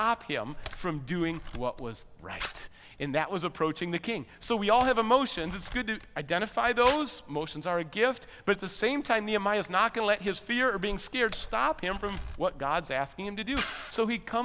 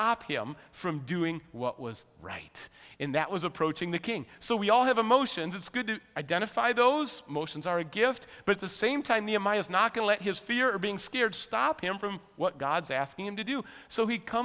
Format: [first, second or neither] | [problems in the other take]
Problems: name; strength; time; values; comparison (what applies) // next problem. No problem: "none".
second | background sound (Camera); 14 dB below the speech